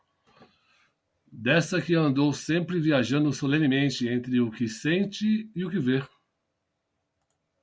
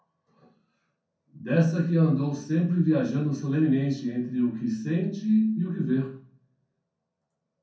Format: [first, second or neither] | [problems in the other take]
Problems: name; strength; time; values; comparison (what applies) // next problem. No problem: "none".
first | room echo; dies away in 0.6 s